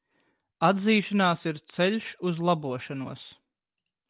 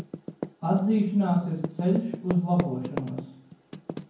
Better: first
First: none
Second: background sound (Typing); 10 dB below the speech // room echo; dies away in 0.9 s

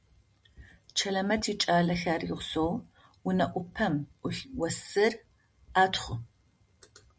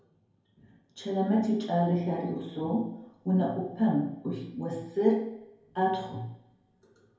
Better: first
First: none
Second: room echo; dies away in 0.9 s

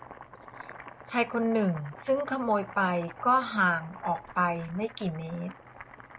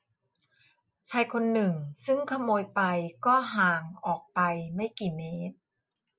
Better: second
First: background sound (Boiling); 17 dB below the speech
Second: none

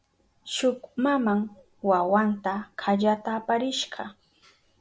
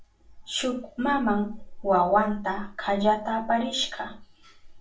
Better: first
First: none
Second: room echo; dies away in 0.3 s

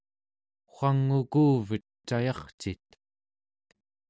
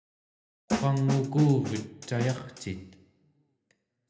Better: first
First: none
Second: background sound (Snare drum); 6 dB below the speech // room echo; dies away in 0.7 s

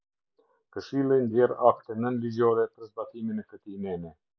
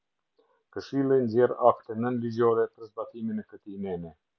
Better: second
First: noise reduction (neural mask model Resemble Enhance denoiser)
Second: none

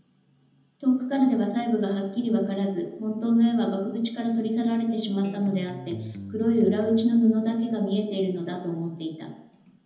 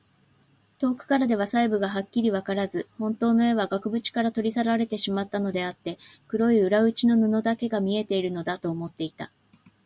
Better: second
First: background sound (Electric guitar); 13 dB below the speech // room echo; dies away in 0.9 s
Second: none

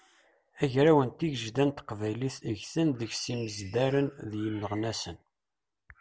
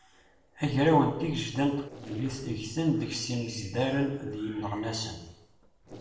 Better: first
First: none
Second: noise reduction (neural separator model SepFormer DNS4)

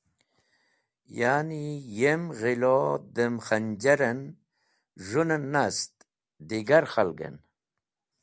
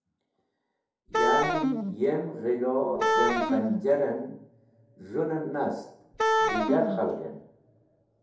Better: first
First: none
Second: background sound (Wind instrument, woodwind instrument); 3 dB above the speech // room echo; dies away in 2.7 s

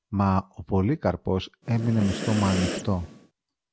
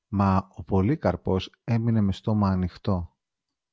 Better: second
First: background sound (Breathing); 6 dB below the speech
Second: none

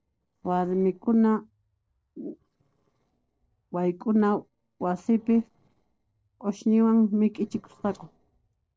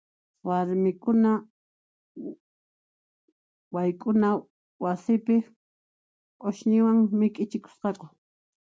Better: second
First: noise reduction (neural separator model SepFormer DNS4)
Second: none

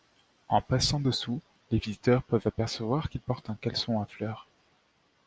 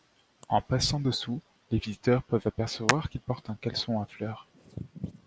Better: first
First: none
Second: background sound (Hands); 9 dB below the speech

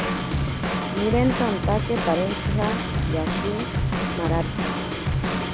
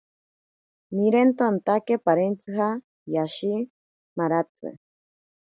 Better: second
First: background sound (Drum / Drum kit); 3 dB above the speech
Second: none

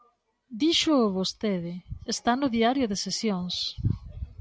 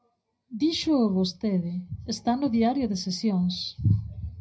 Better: first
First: none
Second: room echo; dies away in 0.4 s

